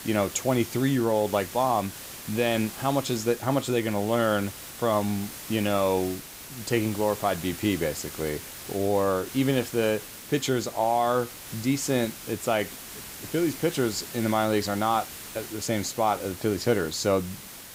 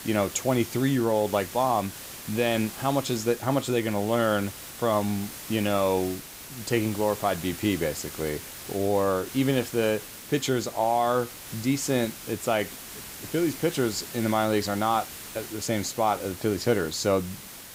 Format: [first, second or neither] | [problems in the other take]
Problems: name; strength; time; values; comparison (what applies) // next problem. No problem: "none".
neither | hiss; noticeable; throughout; 10 dB below the speech; the same in both